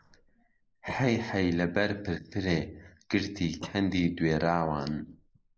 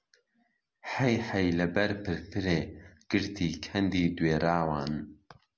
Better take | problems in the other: second | noise reduction (neural mask model Resemble Enhance denoiser)

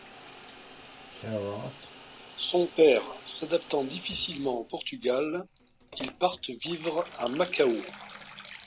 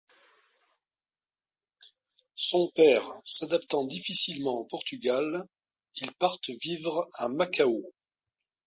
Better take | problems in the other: second | background sound (Bathtub (filling or washing) / Water tap, faucet); 13 dB below the speech

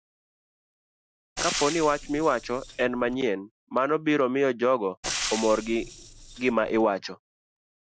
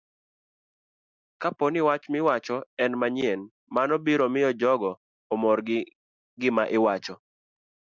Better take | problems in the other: second | background sound (Frying (food)); 8 dB below the speech

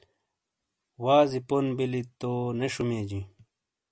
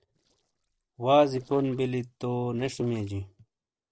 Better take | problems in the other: first | noise reduction (neural separator model SepFormer DNS4)

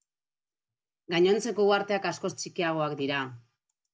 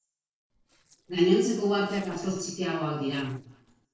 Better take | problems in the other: first | noise reduction (neural separator model SepFormer DNS4)

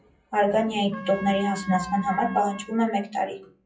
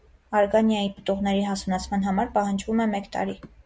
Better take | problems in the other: second | noise reduction (classical method WPE with log-MMSE)

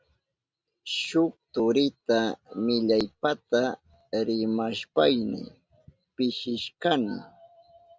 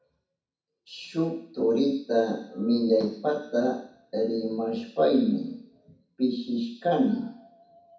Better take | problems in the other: first | room echo; dies away in 0.6 s

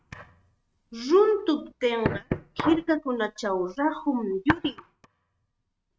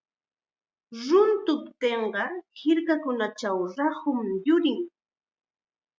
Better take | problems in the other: second | noise reduction (neural mask model RNNoise)

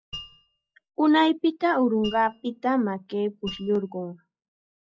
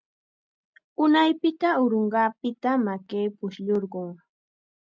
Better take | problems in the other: second | noise reduction (classical method log-MMSE)

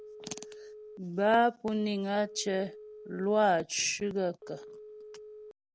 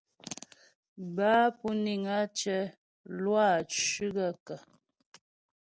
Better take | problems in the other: second | background sound (Telephone); 18 dB below the speech

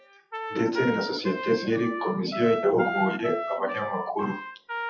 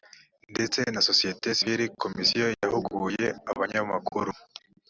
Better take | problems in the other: second | noise reduction (classical method WPE with log-MMSE)

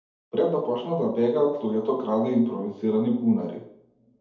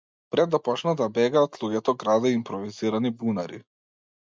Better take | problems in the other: second | room echo; dies away in 2.1 s

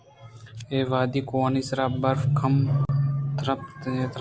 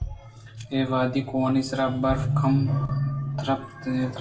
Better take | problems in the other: first | background sound (Bass drum); 16 dB below the speech // room echo; dies away in 0.5 s

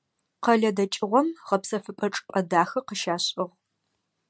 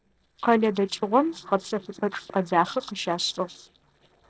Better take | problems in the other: first | noise reduction (neural separator model SepFormer DNS4)

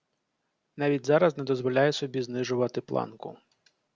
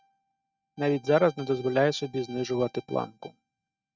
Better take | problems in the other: first | noise reduction (neural mask model RNNoise)

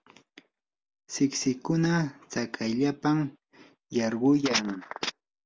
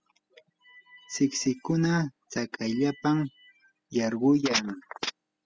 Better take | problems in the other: first | noise reduction (classical method spectral subtraction)

